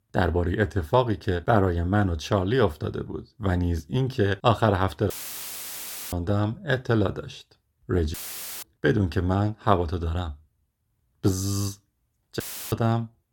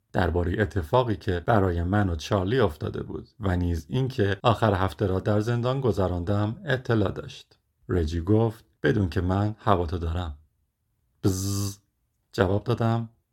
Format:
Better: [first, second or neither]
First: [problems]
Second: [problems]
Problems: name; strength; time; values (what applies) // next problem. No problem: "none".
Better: second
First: audio cutting out; filled with static; at 5 s for 1 s, at 8 s and at 12 s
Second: none